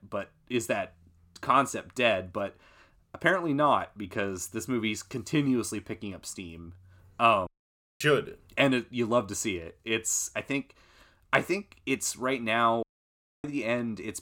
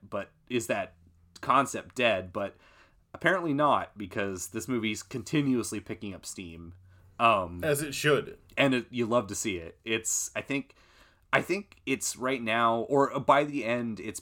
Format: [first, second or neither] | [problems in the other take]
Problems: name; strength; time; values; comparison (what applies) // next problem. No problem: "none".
second | audio cutting out; at 7.5 s for 0.5 s and at 13 s for 0.5 s